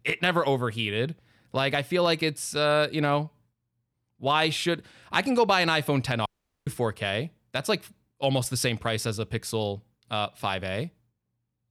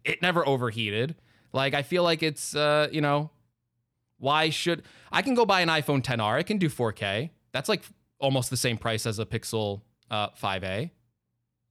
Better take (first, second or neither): second